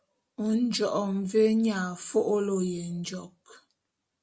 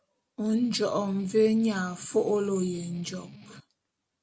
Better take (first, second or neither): first